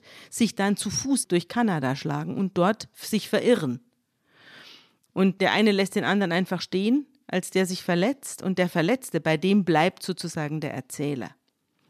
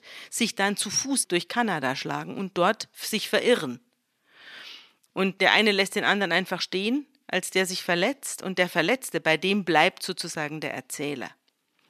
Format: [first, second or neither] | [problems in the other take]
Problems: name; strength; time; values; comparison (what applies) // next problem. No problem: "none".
first | thin; very slightly; fading below 500 Hz